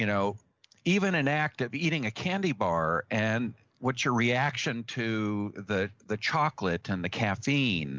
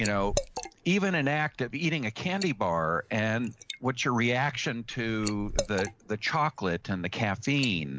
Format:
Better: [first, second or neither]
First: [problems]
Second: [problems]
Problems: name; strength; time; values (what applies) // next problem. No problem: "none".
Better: first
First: none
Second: background sound (Liquid); 11 dB below the speech